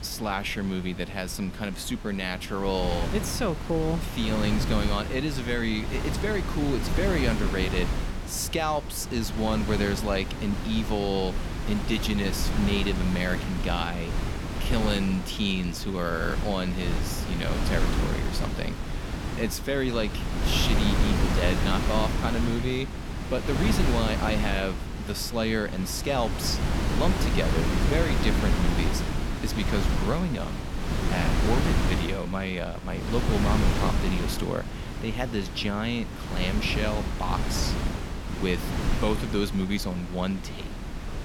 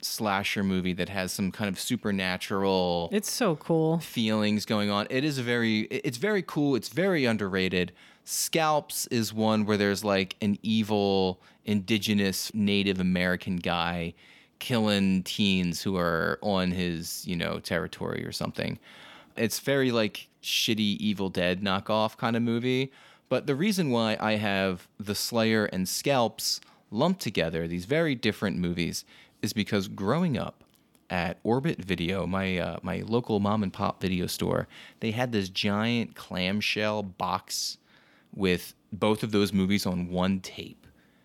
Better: second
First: wind noise on the microphone; heavy; 4 dB below the speech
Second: none

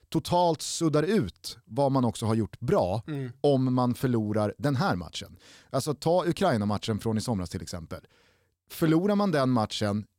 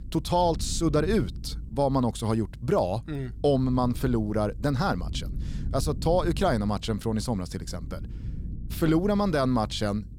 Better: first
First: none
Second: low rumble; faint; throughout; 20 dB below the speech

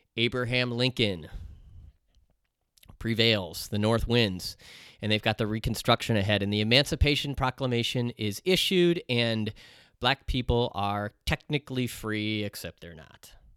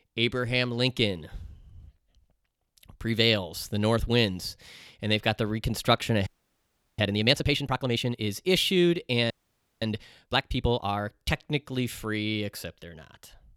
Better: first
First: none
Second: audio freezing; at 6.5 s for 0.5 s and at 9.5 s for 0.5 s

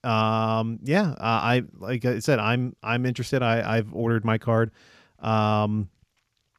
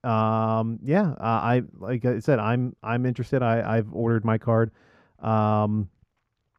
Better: first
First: none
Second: muffled; slightly; fading above 2 kHz

